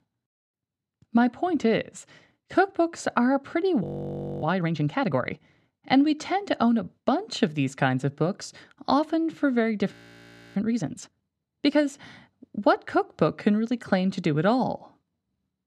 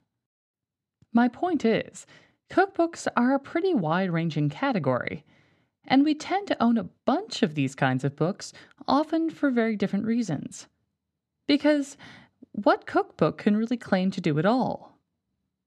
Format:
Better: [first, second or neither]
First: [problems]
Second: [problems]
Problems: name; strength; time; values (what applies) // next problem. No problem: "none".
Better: second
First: audio freezing; at 4 s for 0.5 s and at 10 s for 0.5 s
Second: none